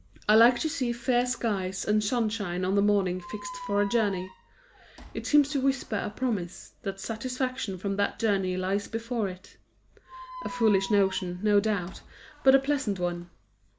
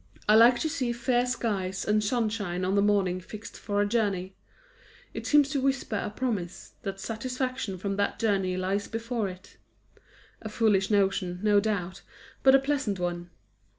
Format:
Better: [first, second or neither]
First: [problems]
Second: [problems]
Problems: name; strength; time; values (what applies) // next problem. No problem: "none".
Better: second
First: background sound (Squeak); 17 dB below the speech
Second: none